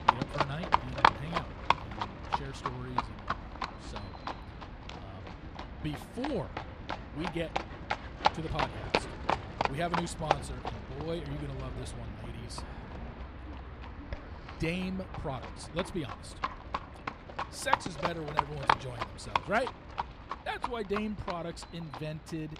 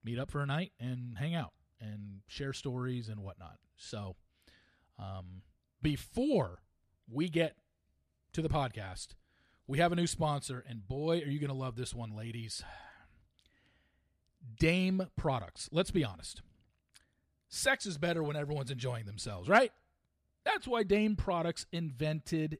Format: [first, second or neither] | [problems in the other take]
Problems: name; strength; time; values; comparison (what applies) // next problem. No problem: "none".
second | animal sounds; very loud; throughout; 3 dB above the speech